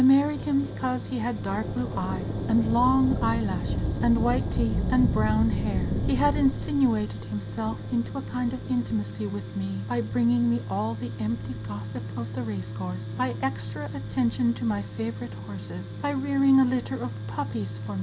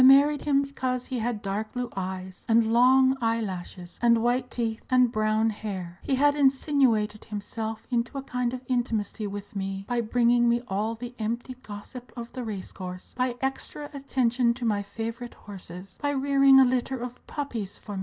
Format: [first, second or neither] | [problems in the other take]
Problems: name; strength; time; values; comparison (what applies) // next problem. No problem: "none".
second | background sound (Tools + Thunder / Rain); 4 dB below the speech